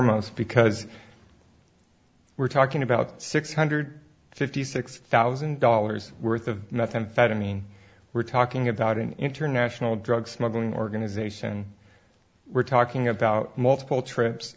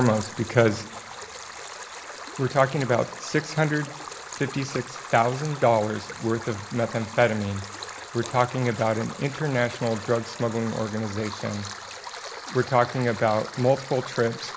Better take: first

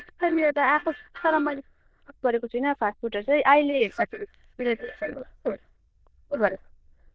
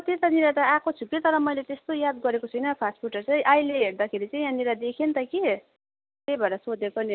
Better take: second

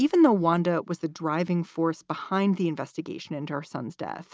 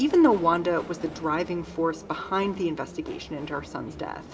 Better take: first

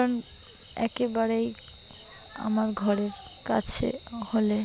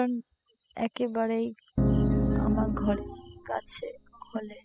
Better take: first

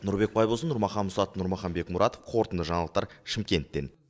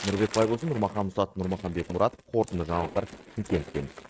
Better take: first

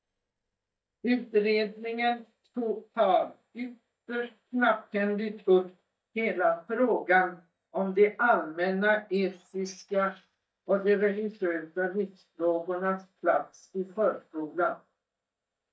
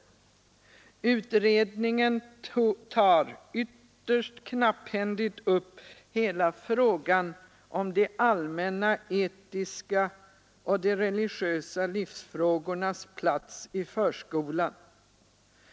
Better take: second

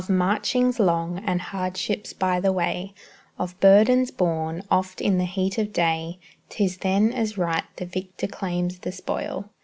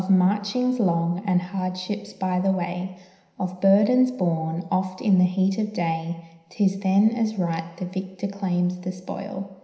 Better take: first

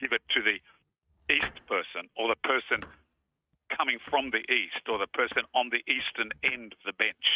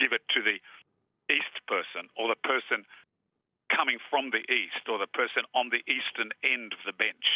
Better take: second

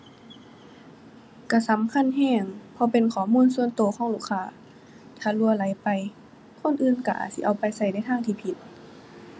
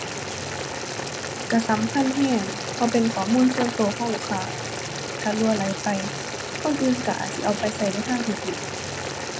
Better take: first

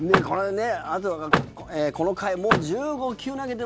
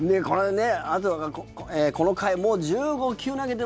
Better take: second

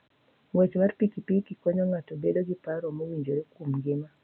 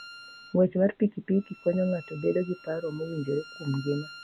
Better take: first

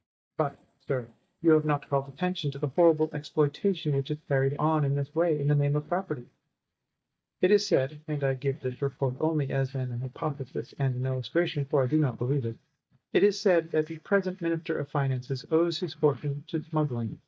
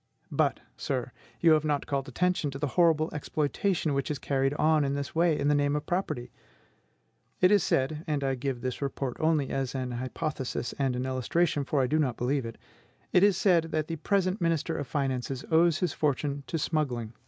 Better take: second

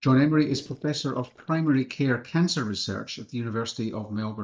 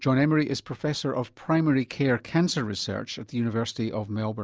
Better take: second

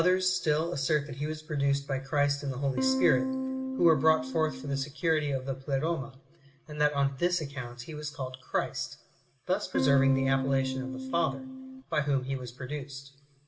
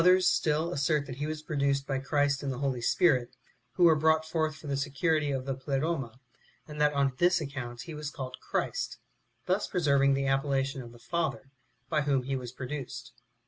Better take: second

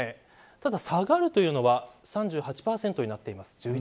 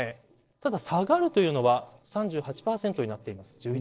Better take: first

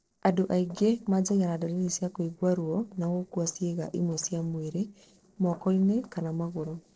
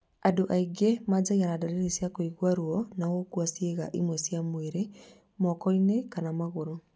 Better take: second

